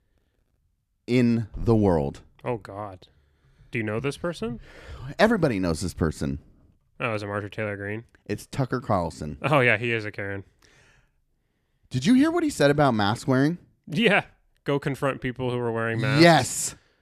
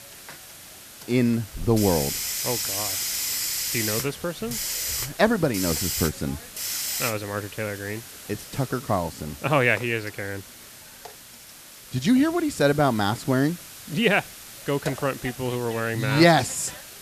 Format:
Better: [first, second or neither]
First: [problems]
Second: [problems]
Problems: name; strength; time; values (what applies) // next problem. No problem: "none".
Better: first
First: none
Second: hiss; loud; throughout; 5 dB below the speech